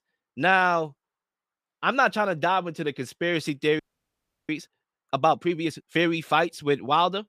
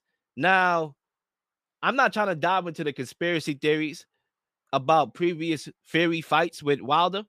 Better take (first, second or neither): second